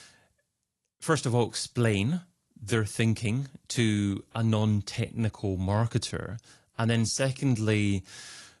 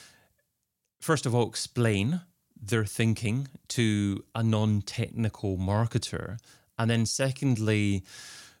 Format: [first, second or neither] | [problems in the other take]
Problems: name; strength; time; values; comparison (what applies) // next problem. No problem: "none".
second | garbled, watery; slightly; nothing above 11 kHz